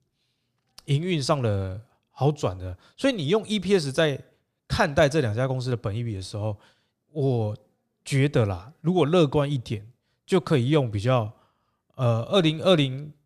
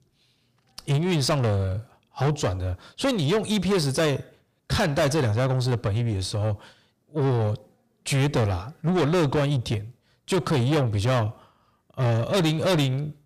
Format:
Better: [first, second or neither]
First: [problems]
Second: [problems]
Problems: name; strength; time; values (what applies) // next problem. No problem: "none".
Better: first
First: none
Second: distortion; heavy; 6 dB below the speech